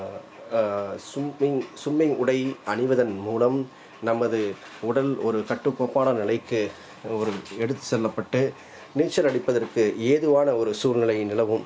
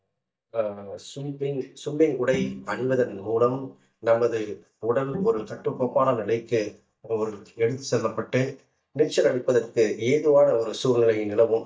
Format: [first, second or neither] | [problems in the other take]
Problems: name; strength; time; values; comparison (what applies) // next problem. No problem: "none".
first | noise reduction (neural mask model DeepFilterNet 3)